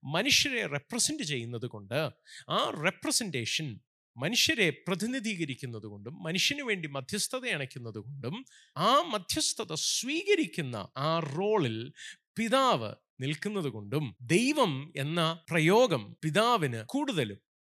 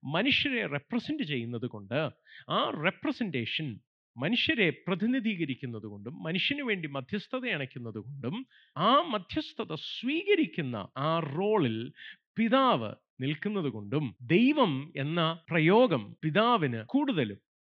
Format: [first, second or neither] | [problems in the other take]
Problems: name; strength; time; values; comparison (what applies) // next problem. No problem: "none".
first | muffled; very; fading above 3.5 kHz